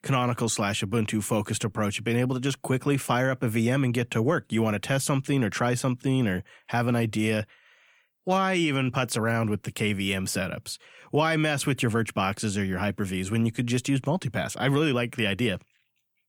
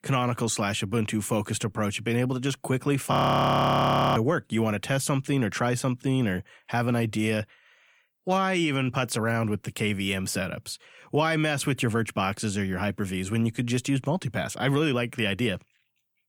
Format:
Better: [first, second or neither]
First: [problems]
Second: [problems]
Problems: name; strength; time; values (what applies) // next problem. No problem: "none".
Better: first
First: none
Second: audio freezing; at 3 s for 1 s